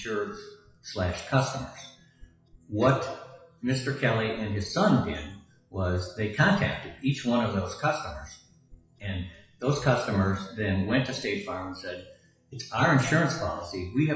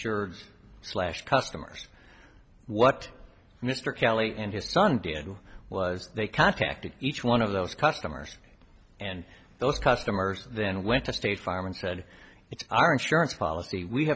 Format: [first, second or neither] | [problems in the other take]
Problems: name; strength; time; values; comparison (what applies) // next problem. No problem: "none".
second | noise reduction (classical method WPE with log-MMSE)